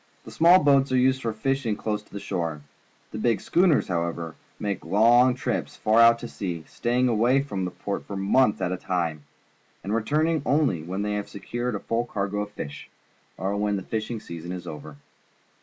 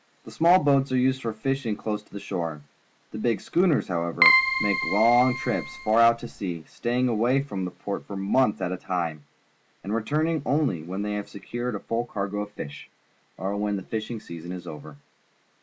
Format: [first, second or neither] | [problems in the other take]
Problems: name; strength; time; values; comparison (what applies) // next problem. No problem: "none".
first | background sound (Keyboard (musical)); 1 dB above the speech